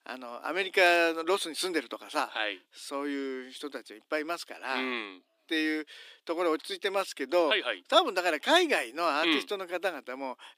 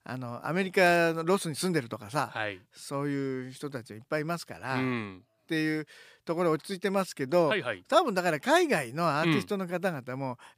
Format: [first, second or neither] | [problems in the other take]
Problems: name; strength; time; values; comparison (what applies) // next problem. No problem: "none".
second | thin; somewhat; fading below 300 Hz